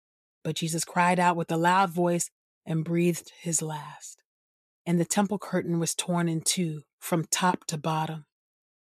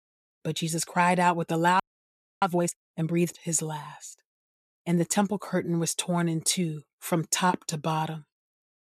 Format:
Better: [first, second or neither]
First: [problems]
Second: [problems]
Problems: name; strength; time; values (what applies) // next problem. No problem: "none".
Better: first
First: none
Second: audio freezing; at 2 s for 0.5 s